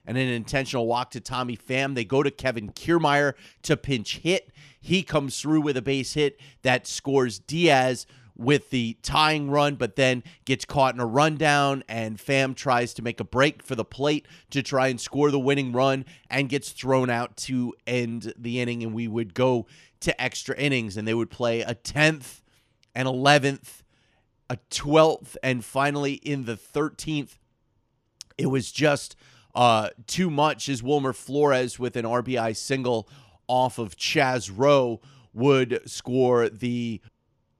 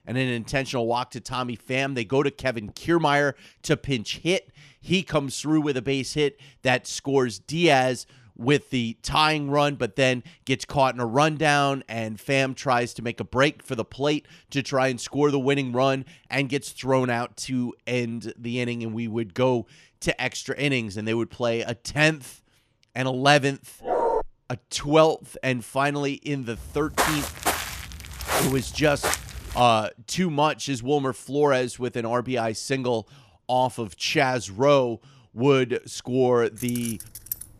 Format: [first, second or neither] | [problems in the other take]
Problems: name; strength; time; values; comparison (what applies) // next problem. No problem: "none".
first | dog barking; loud; at 24 s; peak 1 dB above the speech // footsteps; loud; from 27 to 30 s; peak level with the speech // jangling keys; noticeable; at 37 s; peak 9 dB below the speech